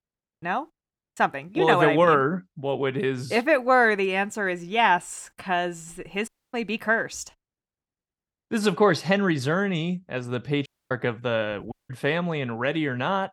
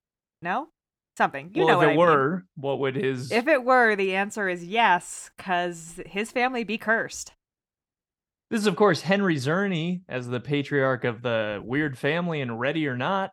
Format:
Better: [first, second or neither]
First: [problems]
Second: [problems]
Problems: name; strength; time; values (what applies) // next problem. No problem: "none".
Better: second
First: audio cutting out; at 6.5 s, at 11 s and at 12 s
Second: none